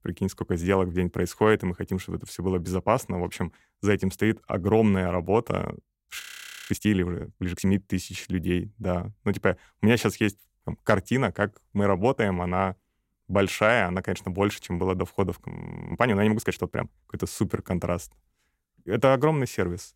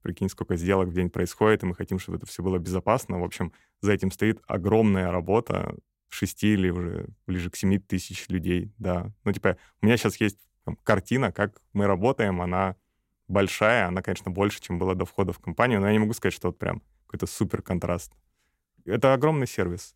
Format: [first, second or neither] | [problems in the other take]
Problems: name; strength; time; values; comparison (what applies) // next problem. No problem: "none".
second | audio freezing; at 6 s and at 15 s